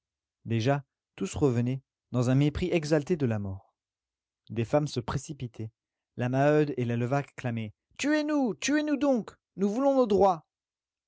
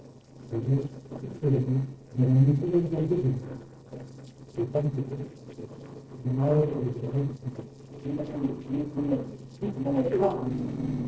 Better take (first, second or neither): first